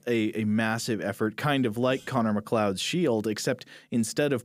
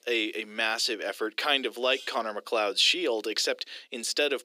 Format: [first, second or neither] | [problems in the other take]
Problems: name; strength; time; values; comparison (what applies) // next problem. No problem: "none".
first | thin; very; fading below 350 Hz